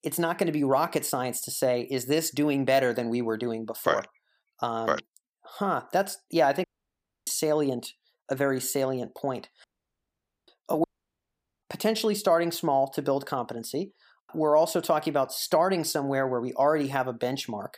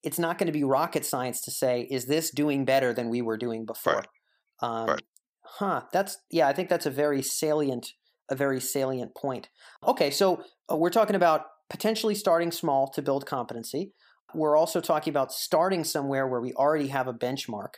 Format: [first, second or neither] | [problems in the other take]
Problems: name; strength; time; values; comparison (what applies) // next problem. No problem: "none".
second | audio cutting out; at 6.5 s for 0.5 s, at 9.5 s for 1 s and at 11 s for 1 s